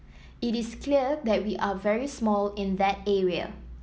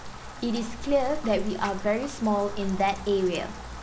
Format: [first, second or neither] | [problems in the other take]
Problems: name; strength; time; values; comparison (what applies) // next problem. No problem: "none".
first | background sound (Rain); 8 dB below the speech